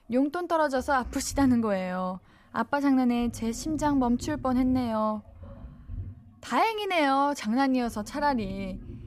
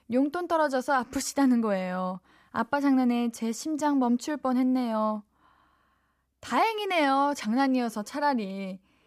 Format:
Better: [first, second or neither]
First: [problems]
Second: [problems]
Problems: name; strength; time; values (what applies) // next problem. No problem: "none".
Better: second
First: household noises; noticeable; throughout; 15 dB below the speech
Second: none